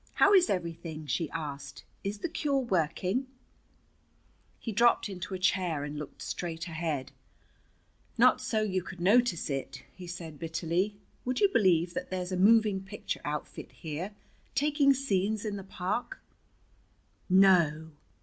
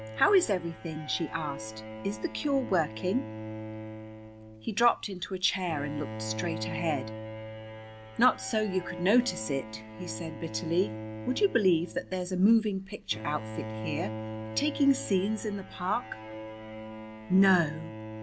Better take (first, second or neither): first